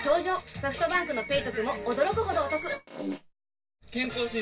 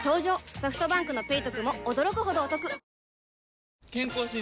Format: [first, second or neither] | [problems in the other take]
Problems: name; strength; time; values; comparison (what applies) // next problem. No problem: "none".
second | background sound (Fart); 11 dB below the speech // room echo; dies away in 0.1 s